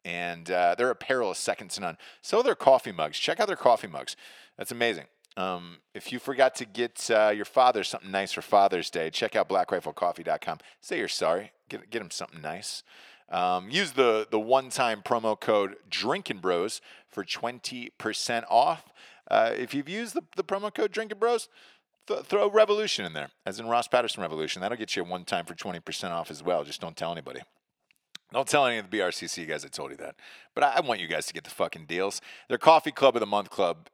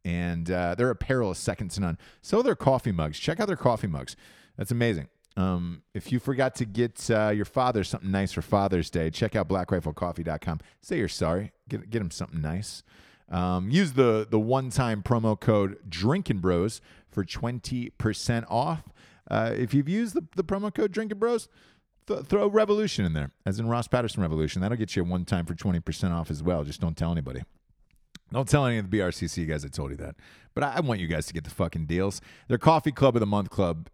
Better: second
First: thin; very; fading below 450 Hz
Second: none

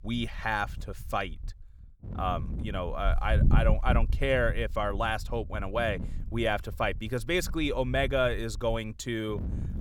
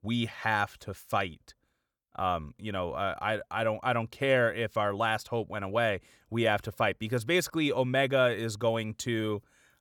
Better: second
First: wind noise on the microphone; occasional gusts; 15 dB below the speech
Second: none

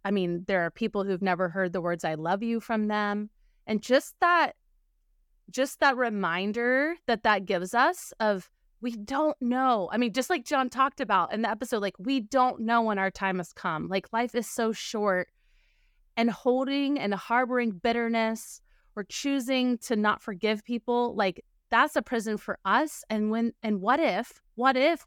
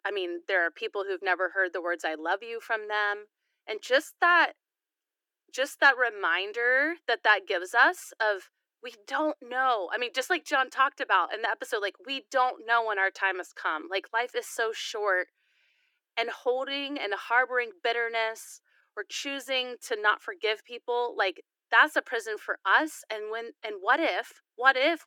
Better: first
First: none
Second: thin; very; fading below 300 Hz

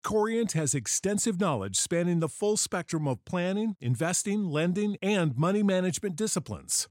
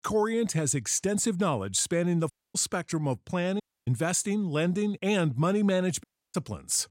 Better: first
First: none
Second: audio cutting out; at 2.5 s, at 3.5 s and at 6 s

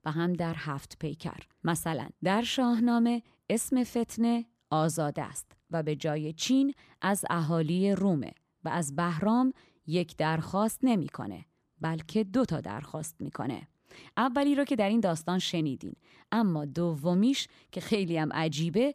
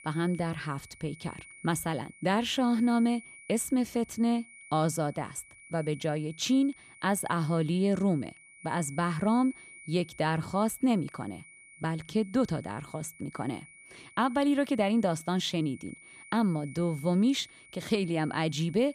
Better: first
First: none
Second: high-pitched whine; faint; throughout; 2 kHz, 20 dB below the speech

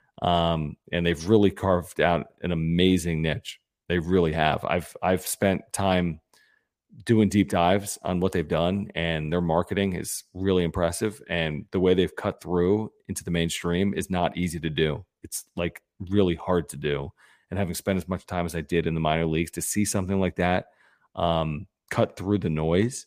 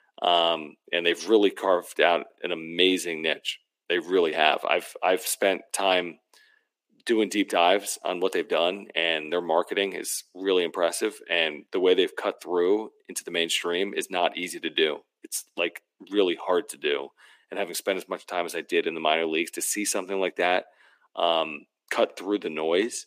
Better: first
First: none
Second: thin; somewhat; fading below 300 Hz

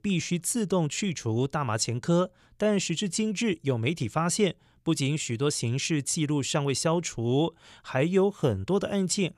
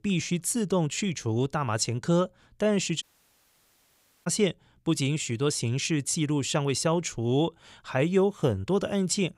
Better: first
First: none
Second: audio cutting out; at 3 s for 1 s

